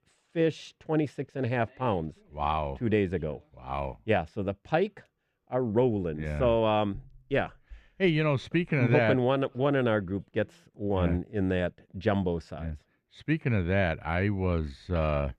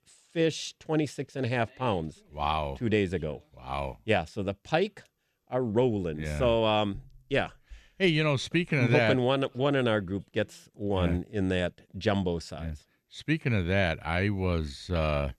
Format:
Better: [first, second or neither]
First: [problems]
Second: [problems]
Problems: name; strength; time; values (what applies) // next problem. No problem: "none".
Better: second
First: muffled; slightly; fading above 3 kHz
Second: none